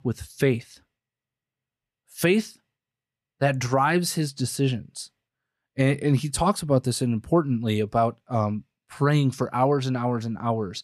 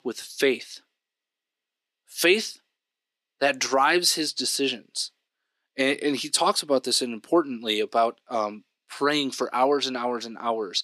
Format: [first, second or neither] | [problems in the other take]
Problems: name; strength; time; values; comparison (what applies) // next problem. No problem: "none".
first | thin; somewhat; fading below 300 Hz